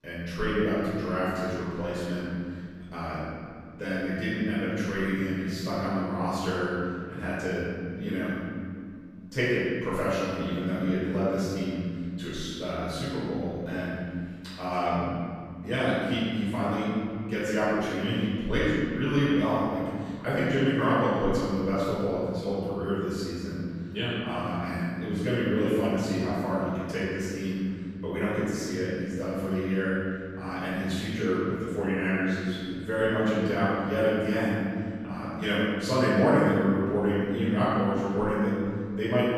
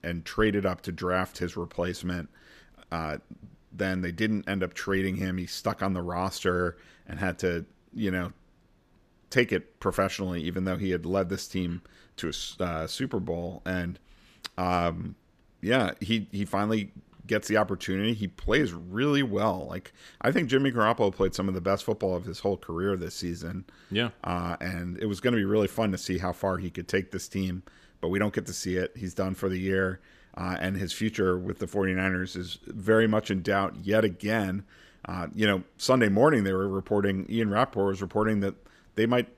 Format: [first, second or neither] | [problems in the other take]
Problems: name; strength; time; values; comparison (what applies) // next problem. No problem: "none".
second | off-mic speech; far // room echo; strong; dies away in 2.1 s